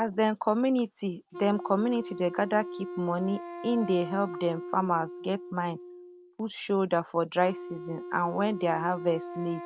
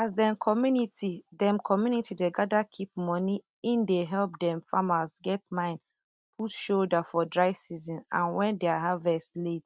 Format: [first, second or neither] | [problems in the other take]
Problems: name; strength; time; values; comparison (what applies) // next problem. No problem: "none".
second | background sound (Wind instrument, woodwind instrument); 12 dB below the speech